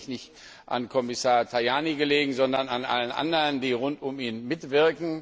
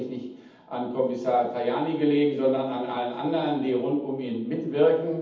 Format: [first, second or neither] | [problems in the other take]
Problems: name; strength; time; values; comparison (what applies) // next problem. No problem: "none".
first | room echo; dies away in 0.8 s